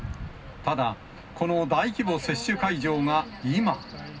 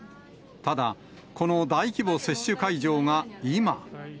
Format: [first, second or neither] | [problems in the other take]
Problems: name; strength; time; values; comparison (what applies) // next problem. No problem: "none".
second | background sound (Stream / Chirp, tweet / Wind); 16 dB below the speech // room echo; dies away in 0.4 s